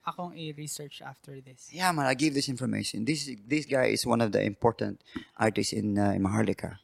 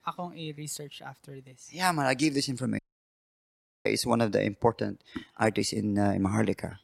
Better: first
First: none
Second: audio cutting out; at 3 s for 1 s

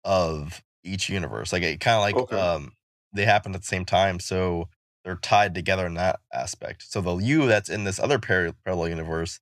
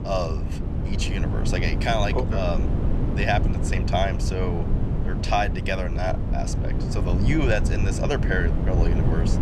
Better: first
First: none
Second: wind noise on the microphone; heavy; 7 dB below the speech

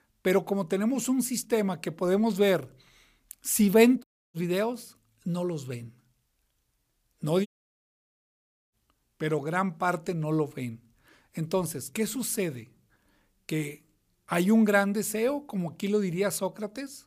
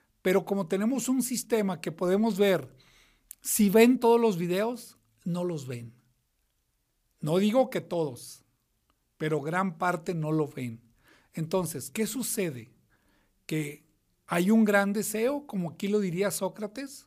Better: second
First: audio cutting out; at 4 s and at 7.5 s for 1.5 s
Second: none

